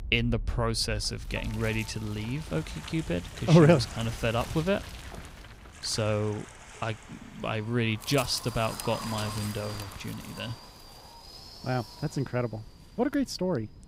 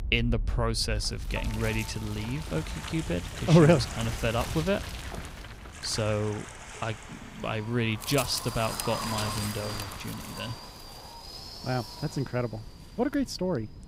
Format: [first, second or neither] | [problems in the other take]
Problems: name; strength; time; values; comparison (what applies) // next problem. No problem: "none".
first | wind noise on the microphone; heavy; 7 dB below the speech; occasional gusts in the first